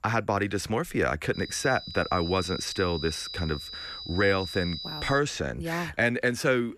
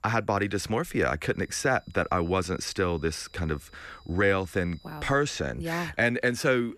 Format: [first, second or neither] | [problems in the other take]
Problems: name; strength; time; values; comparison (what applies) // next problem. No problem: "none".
second | high-pitched whine; loud; from 1.5 to 5 s; 4 kHz, 9 dB below the speech; faint in the second